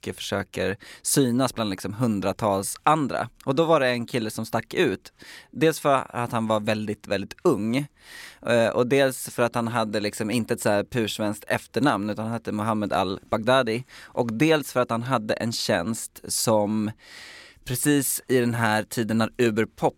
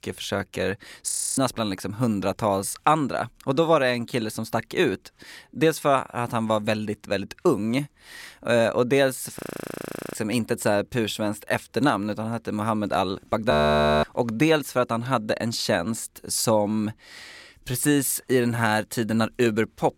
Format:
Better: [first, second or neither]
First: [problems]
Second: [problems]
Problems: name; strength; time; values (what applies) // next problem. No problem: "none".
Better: first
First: none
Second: audio freezing; at 1 s, at 9.5 s for 1 s and at 14 s for 0.5 s